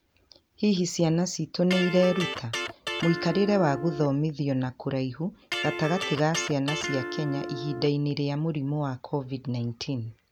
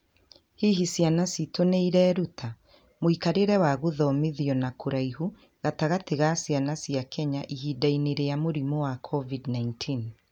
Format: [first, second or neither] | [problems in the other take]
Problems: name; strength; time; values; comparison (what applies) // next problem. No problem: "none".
second | background sound (Electric guitar); 6 dB below the speech